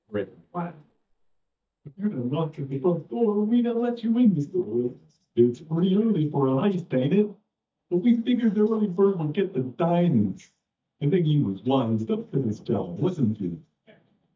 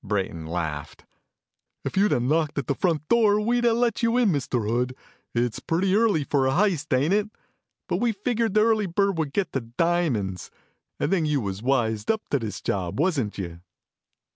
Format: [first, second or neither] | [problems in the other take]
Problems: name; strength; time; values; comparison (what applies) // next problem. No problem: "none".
second | noise reduction (neural mask model DeepFilterNet 3)